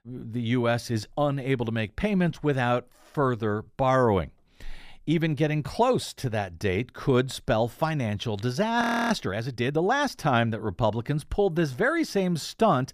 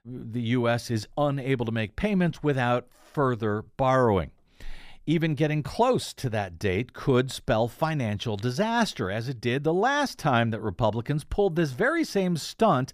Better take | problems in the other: second | audio freezing; at 9 s

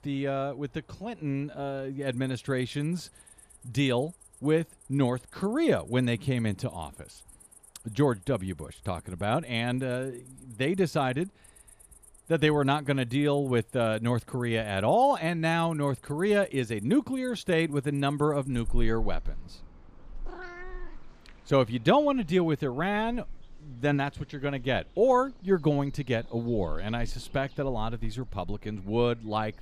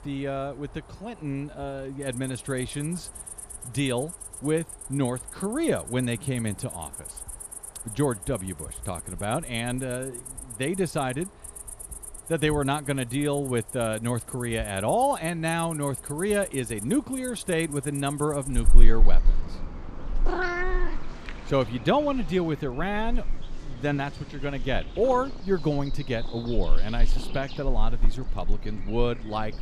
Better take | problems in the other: first | animal sounds; loud; throughout; 6 dB below the speech; faint in the first

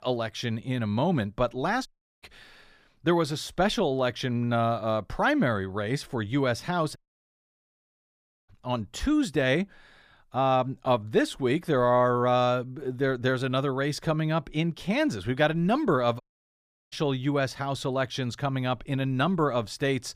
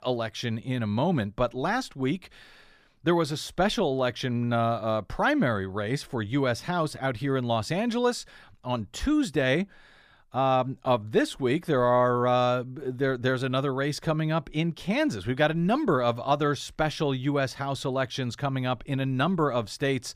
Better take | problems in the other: second | audio cutting out; at 2 s, at 7 s for 1.5 s and at 16 s for 0.5 s

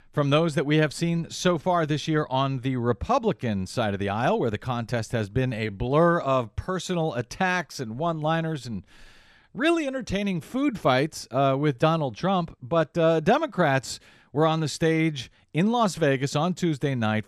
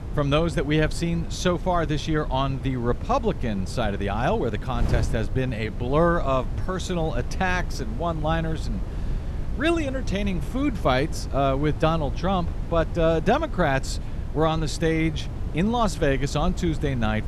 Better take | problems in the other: first | wind noise on the microphone; occasional gusts; 15 dB below the speech

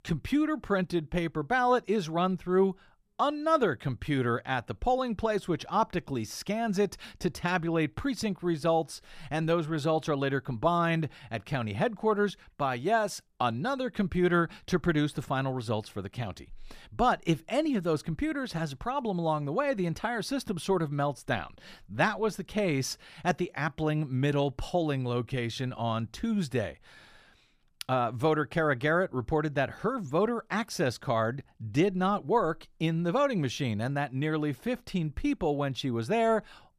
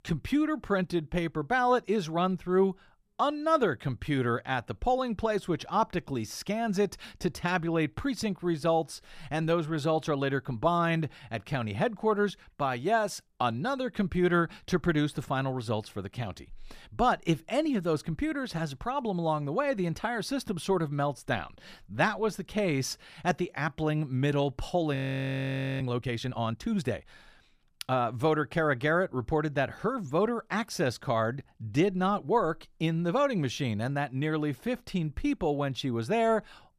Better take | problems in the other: first | audio freezing; at 25 s for 1 s

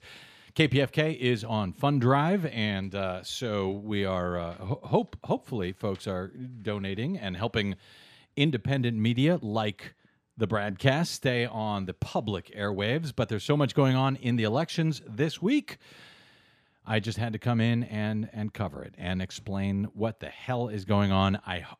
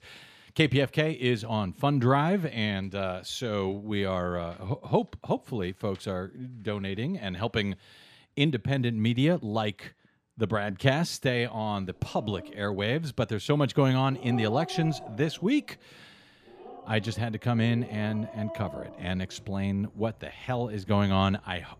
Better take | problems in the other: first | animal sounds; noticeable; from 11 s on; 15 dB below the speech

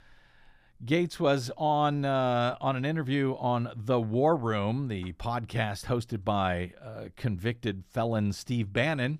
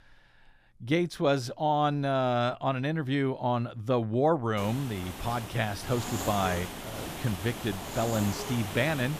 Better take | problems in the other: first | hiss; loud; from 4.5 s on; 8 dB below the speech

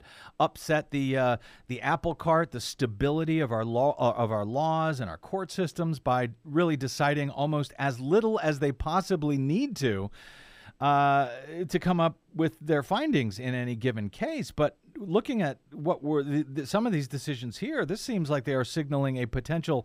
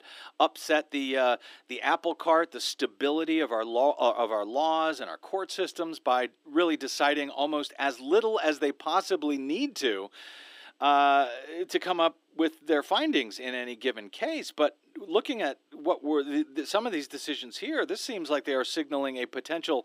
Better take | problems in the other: first | thin; somewhat; fading below 300 Hz

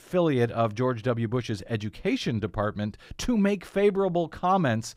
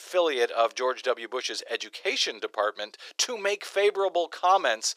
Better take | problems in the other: first | thin; very; fading below 400 Hz

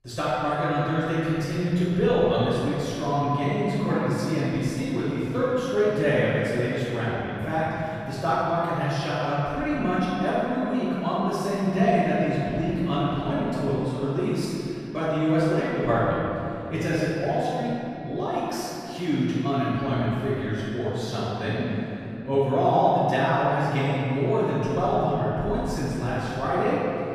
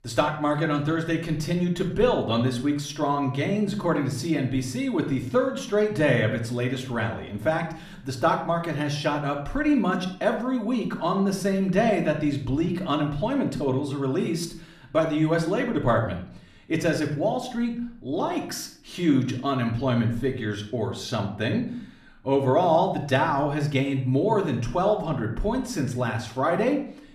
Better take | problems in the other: second | room echo; strong; dies away in 2.9 s; slight in the second // off-mic speech; far; somewhat distant in the second

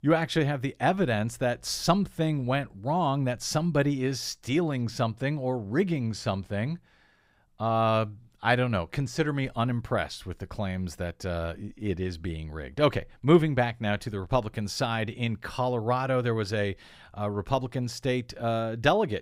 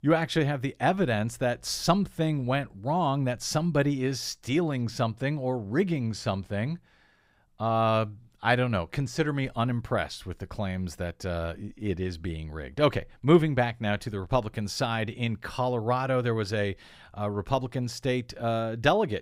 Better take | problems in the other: neither | none

